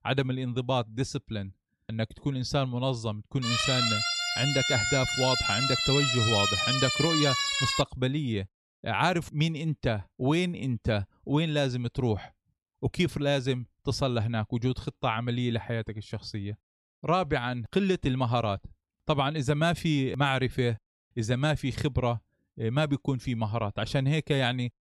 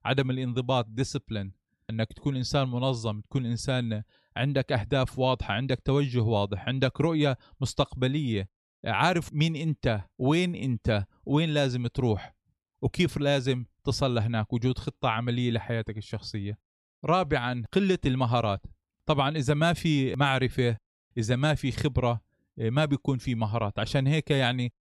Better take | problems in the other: second | siren; loud; from 3.5 to 8 s; peak 4 dB above the speech

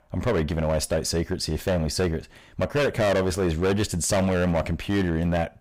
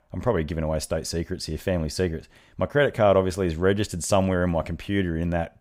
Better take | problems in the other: second | distortion; heavy; 15% of the sound clipped

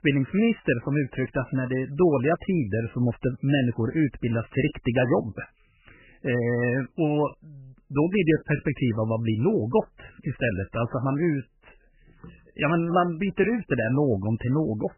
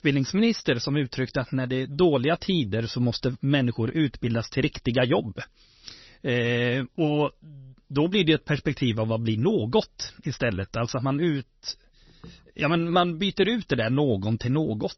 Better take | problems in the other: second | garbled, watery; badly; nothing above 3 kHz; slightly in the second

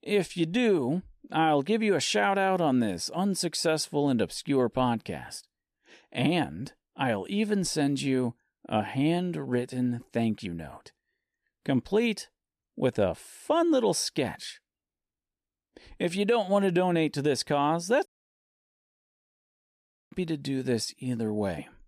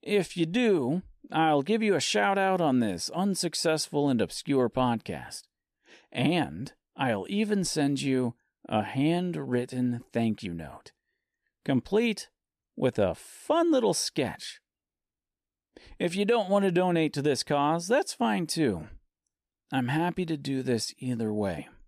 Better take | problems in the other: second | audio cutting out; at 18 s for 2 s

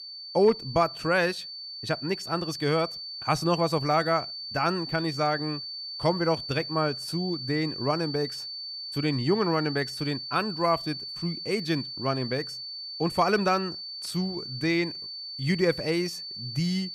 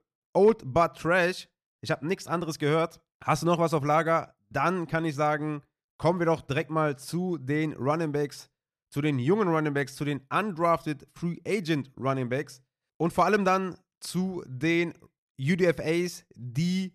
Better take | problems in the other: second | high-pitched whine; loud; throughout; 4.5 kHz, 7 dB below the speech

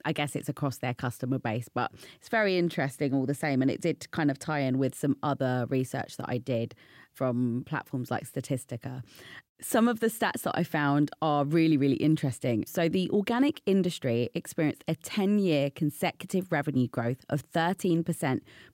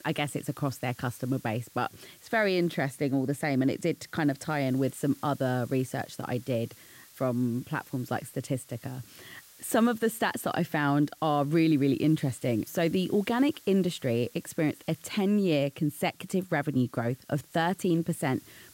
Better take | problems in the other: first | hiss; faint; throughout; 25 dB below the speech

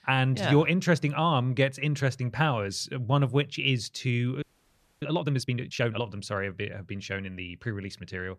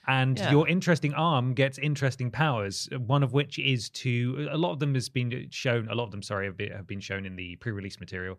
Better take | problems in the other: second | audio freezing; at 4.5 s for 0.5 s

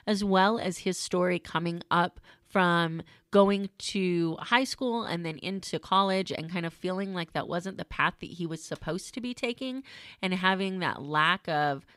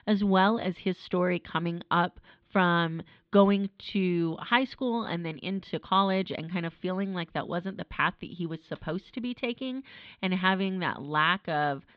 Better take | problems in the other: first | muffled; slightly; fading above 3.5 kHz

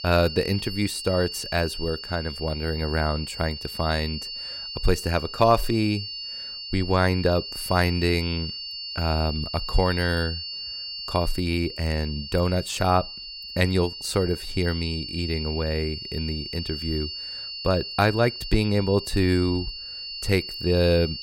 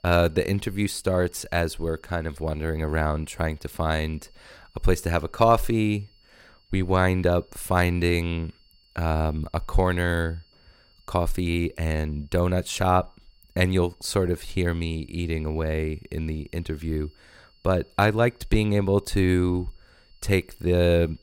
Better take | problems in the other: second | high-pitched whine; loud; throughout; 4.5 kHz, 8 dB below the speech; faint in the second

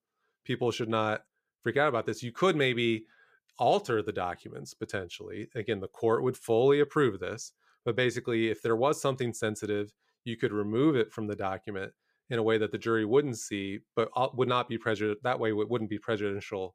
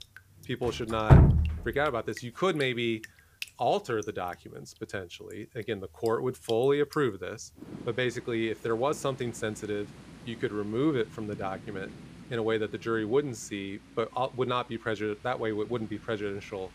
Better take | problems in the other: first | rain or running water; very loud; throughout; 4 dB above the speech

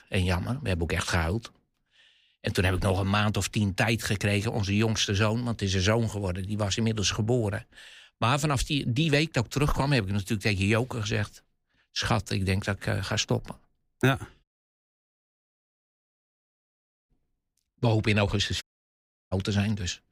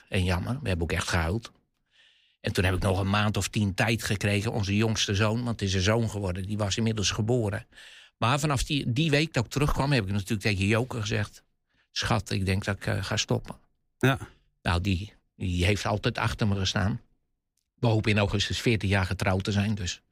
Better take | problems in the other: second | audio cutting out; at 14 s for 2.5 s and at 19 s for 0.5 s

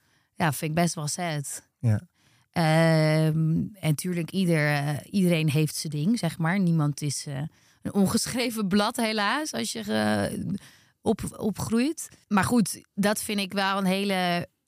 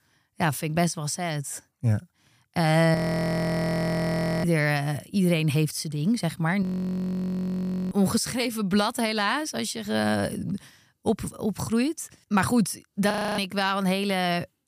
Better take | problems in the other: first | audio freezing; at 3 s for 1.5 s, at 6.5 s for 1.5 s and at 13 s

